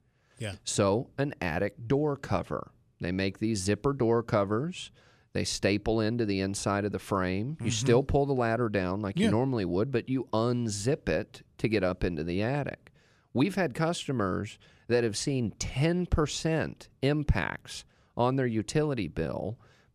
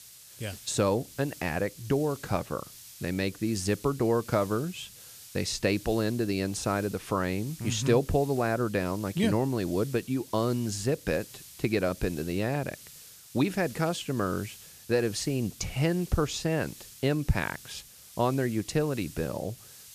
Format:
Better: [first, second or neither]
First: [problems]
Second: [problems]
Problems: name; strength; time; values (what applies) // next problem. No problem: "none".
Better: first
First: none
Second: hiss; noticeable; throughout; 15 dB below the speech